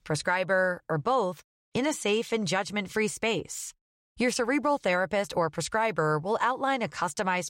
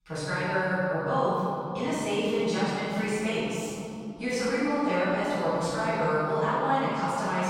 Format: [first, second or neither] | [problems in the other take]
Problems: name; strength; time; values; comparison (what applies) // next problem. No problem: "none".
first | room echo; strong; dies away in 3 s // off-mic speech; far